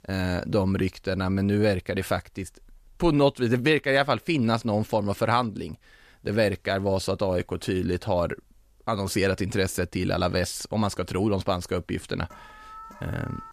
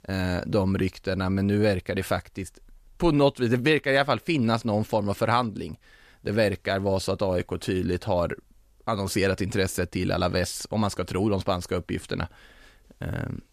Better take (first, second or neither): second